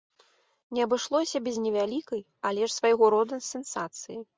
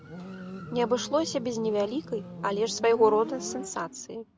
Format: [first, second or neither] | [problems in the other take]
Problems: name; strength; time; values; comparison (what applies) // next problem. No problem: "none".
first | background sound (Motorcycle); 11 dB below the speech